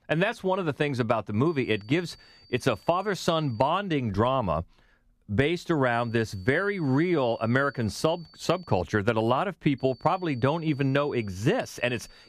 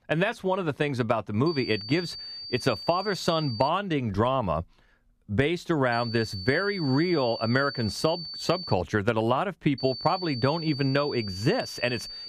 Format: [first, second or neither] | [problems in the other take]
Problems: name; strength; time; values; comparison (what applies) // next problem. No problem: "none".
first | high-pitched whine; loud; from 1.5 to 3.5 s, from 6 to 8.5 s and from 10 s on; 4.5 kHz, 9 dB below the speech; faint in the first